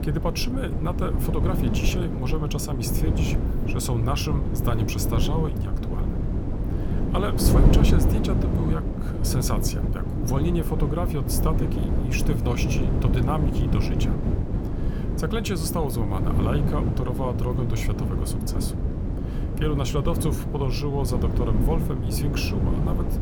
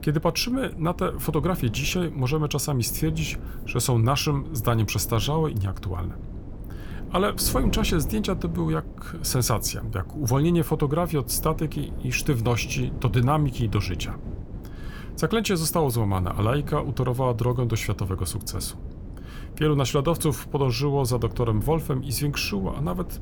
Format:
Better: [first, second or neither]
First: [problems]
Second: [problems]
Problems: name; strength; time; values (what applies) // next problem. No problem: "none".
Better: second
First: wind noise on the microphone; heavy; 2 dB below the speech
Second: wind noise on the microphone; occasional gusts; 15 dB below the speech